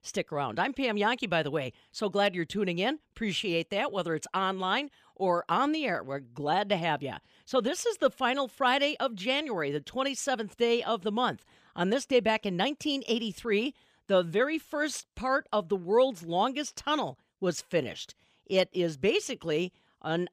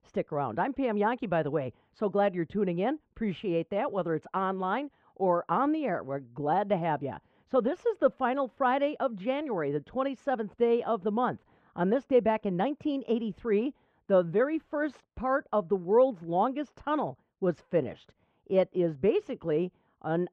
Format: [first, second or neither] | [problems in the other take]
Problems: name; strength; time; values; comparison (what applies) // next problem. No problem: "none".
first | muffled; very; fading above 3.5 kHz